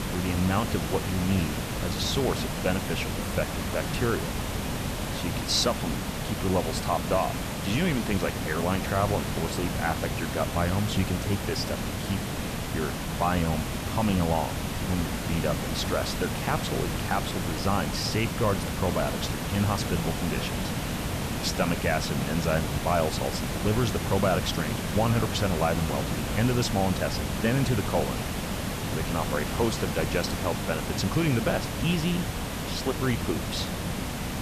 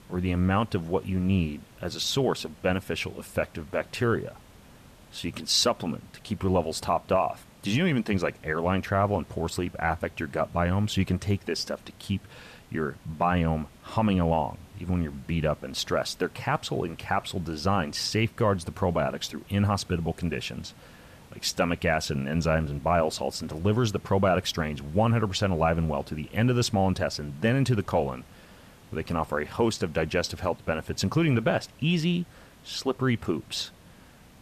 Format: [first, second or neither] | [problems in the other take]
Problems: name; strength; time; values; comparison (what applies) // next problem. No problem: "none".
second | hiss; loud; throughout; 2 dB below the speech; faint in the second